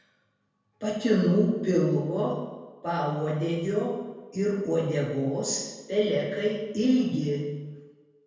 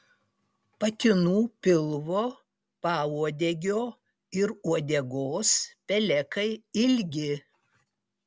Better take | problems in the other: second | room echo; dies away in 1.2 s

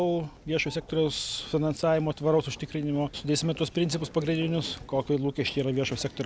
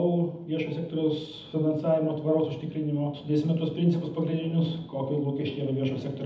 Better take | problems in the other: first | room echo; dies away in 0.8 s

